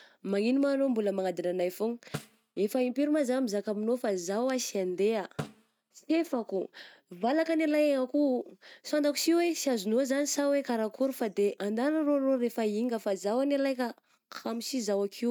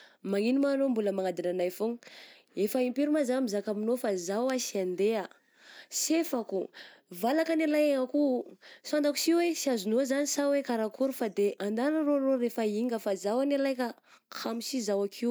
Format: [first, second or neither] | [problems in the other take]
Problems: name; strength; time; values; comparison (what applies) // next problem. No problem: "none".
second | noise reduction (neural mask model RNNoise)